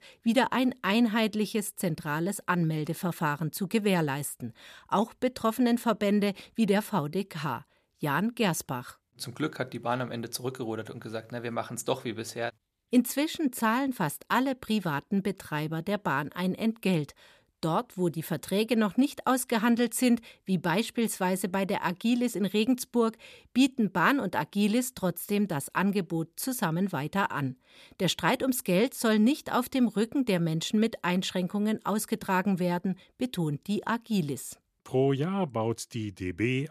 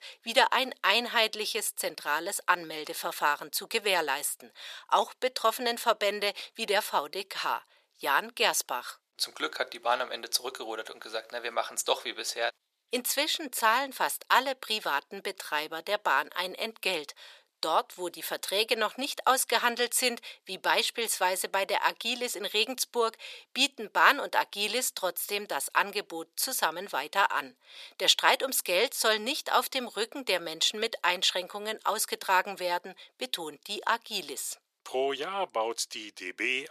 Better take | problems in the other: first | thin; very; fading below 550 Hz

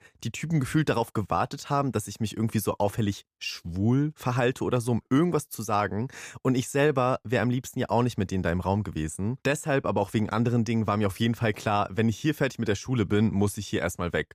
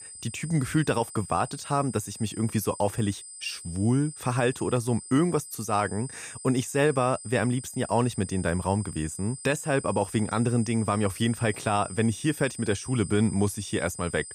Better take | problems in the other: first | high-pitched whine; noticeable; throughout; 8 kHz, 10 dB below the speech

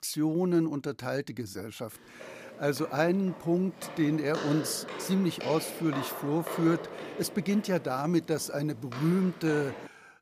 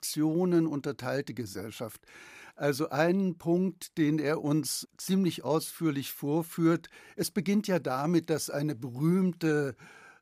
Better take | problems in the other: second | footsteps; noticeable; from 2 s on; peak 6 dB below the speech

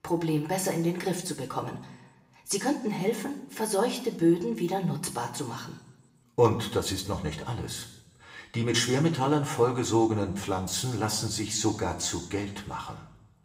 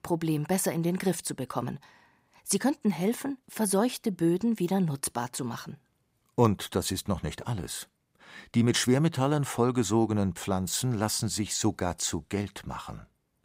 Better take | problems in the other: second | room echo; slight; dies away in 0.7 s // off-mic speech; somewhat distant

